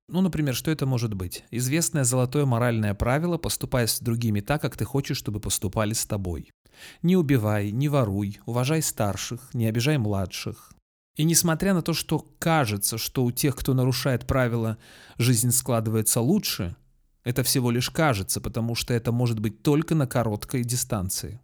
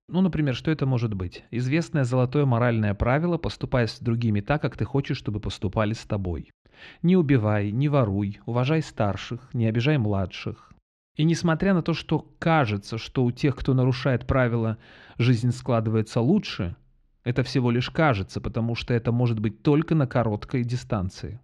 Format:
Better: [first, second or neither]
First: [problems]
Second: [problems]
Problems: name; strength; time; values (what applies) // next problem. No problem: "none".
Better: first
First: none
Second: muffled; slightly; fading above 3.5 kHz